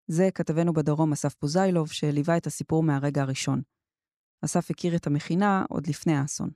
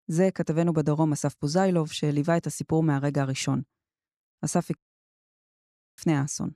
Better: first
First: none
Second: audio cutting out; at 5 s for 1 s

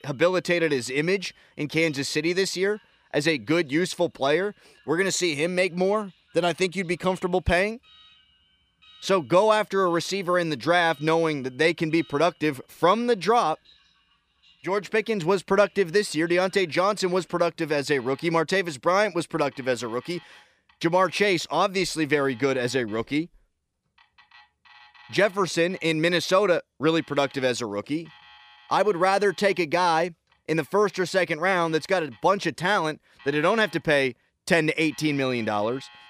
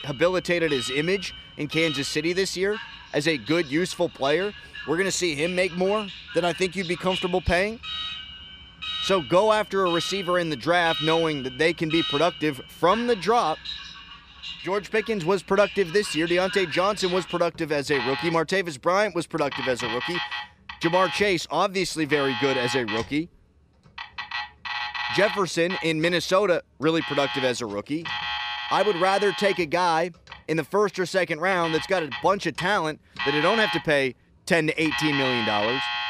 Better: first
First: alarms or sirens; faint; throughout; 30 dB below the speech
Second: alarms or sirens; loud; throughout; 7 dB below the speech

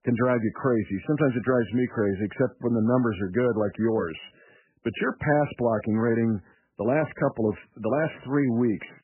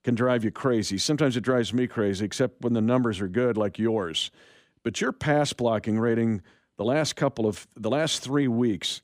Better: second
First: garbled, watery; badly; nothing above 3 kHz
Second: none

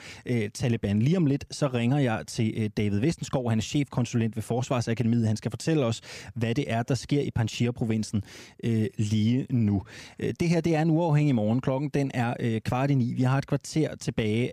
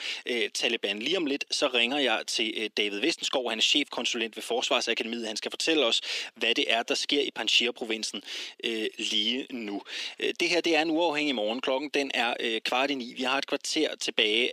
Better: first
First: none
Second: thin; somewhat; fading below 300 Hz

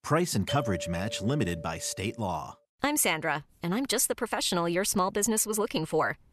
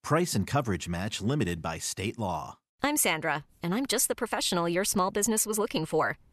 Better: second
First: doorbell; noticeable; until 2 s; peak 7 dB below the speech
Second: none

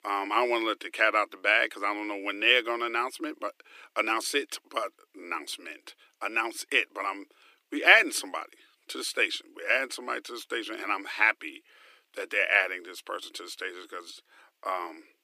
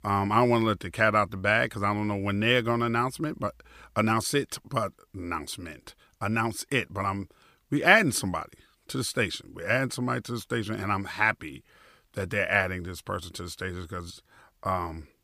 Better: second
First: thin; very; fading below 300 Hz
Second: none

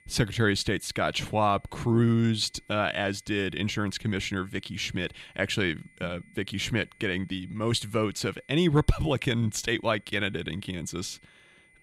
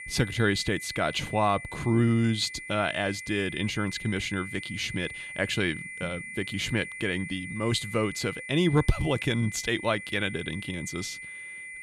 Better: first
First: high-pitched whine; faint; throughout; 2 kHz, 30 dB below the speech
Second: high-pitched whine; loud; throughout; 2 kHz, 10 dB below the speech

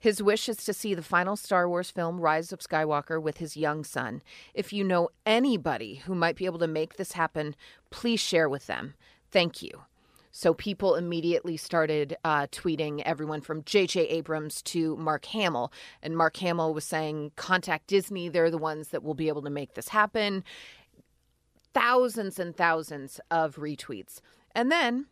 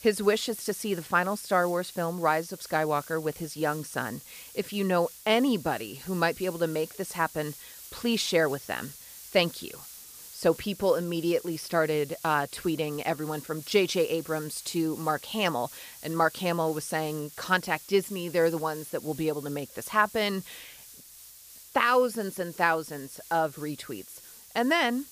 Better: first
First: none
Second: hiss; noticeable; throughout; 15 dB below the speech

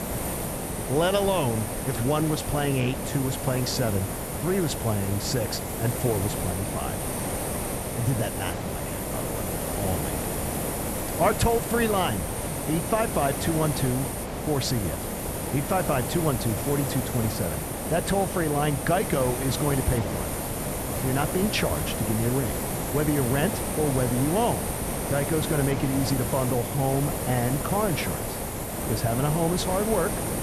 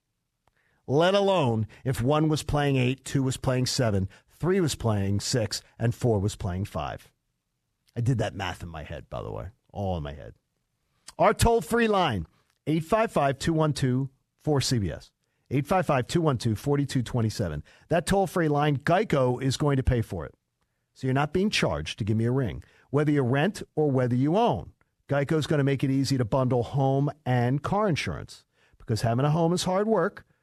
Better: second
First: hiss; loud; throughout; 2 dB below the speech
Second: none

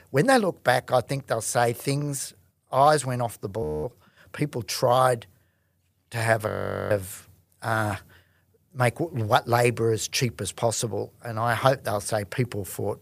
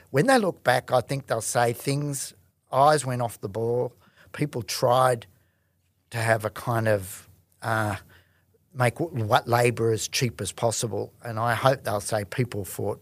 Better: second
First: audio freezing; at 3.5 s and at 6.5 s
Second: none

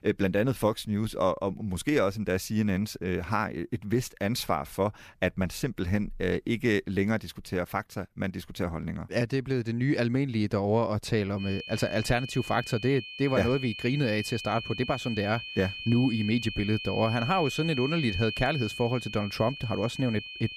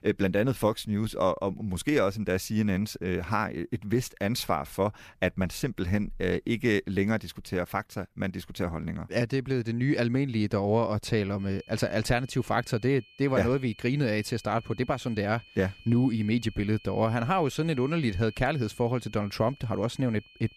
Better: second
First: high-pitched whine; loud; from 11 s on; 2.5 kHz, 8 dB below the speech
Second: high-pitched whine; faint; from 11 s on; 2.5 kHz, 25 dB below the speech

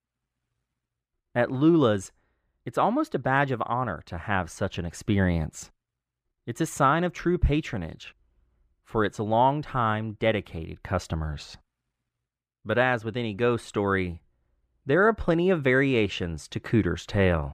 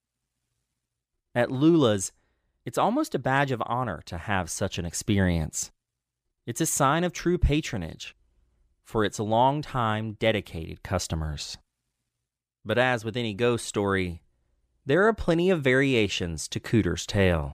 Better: second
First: muffled; slightly; fading above 3.5 kHz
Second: none

